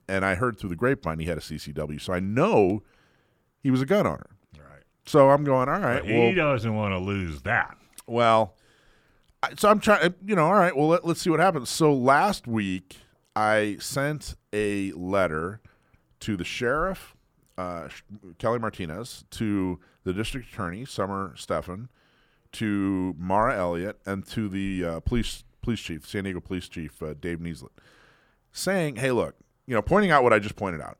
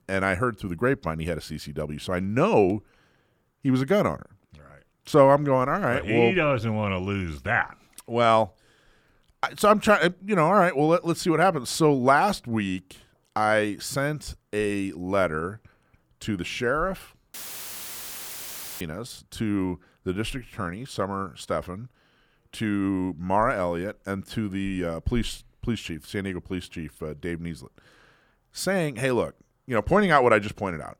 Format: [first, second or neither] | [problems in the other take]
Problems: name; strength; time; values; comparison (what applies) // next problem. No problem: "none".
first | audio cutting out; filled with static; at 17 s for 1.5 s